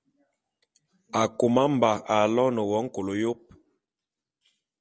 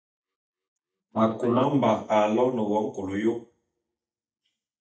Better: first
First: none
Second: noise reduction (neural mask model DeepFilterNet 3)

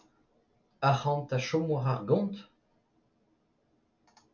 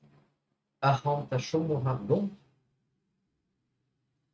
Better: first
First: none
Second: noise reduction (neural mask model RNNoise)

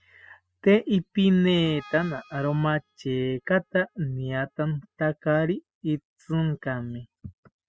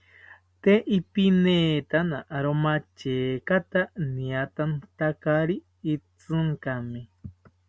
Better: second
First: noise reduction (classical method spectral subtraction)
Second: none

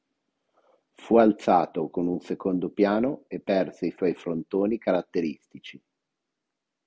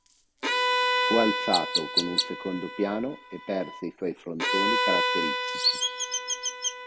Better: first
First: none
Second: background sound (Bowed string instrument + Chirp, tweet); 4 dB above the speech

